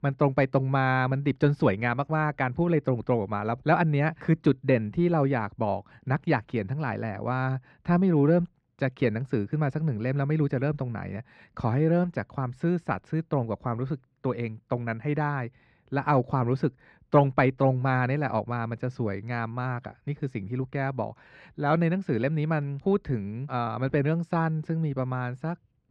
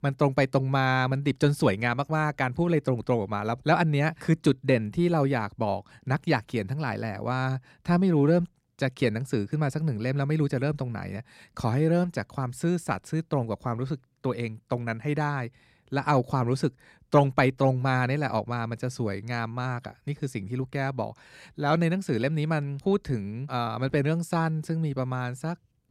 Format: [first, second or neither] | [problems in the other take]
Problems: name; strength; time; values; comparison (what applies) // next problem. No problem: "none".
second | muffled; slightly; fading above 2.5 kHz